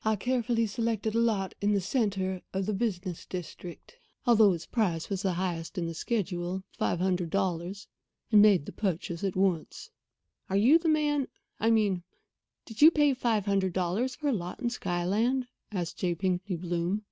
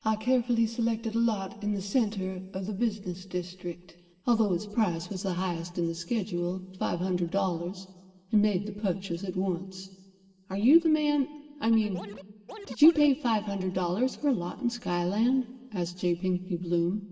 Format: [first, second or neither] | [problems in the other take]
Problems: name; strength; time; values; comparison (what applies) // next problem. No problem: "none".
first | background sound (Scratching (performance technique)); 14 dB below the speech // room echo; dies away in 1.3 s